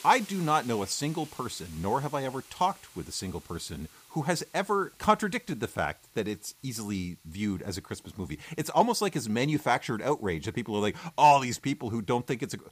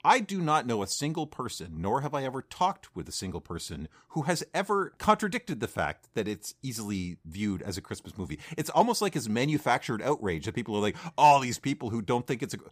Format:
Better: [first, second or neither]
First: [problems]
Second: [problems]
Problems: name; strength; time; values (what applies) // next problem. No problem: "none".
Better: second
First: hiss; faint; throughout; 25 dB below the speech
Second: none